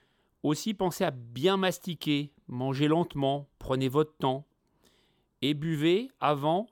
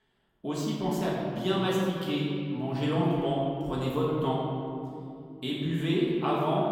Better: first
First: none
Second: off-mic speech; far // room echo; noticeable; dies away in 2.5 s

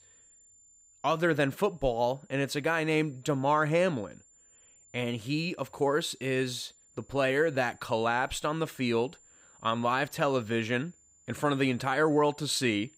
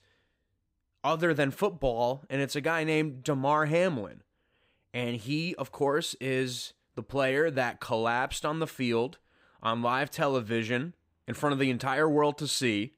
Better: second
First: high-pitched whine; faint; throughout; 7 kHz, 30 dB below the speech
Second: none

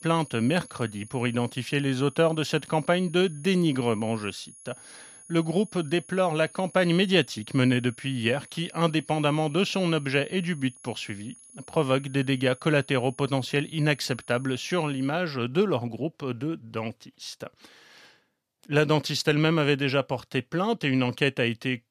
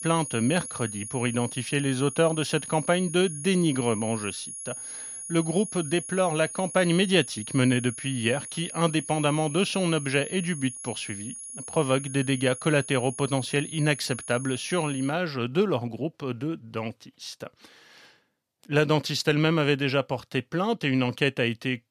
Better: first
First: high-pitched whine; faint; until 15 s; 10.5 kHz, 20 dB below the speech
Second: high-pitched whine; loud; until 15 s; 10.5 kHz, 10 dB below the speech

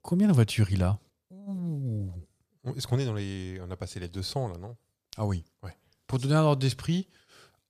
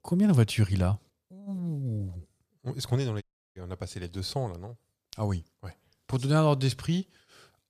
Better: first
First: none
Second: audio cutting out; at 3 s

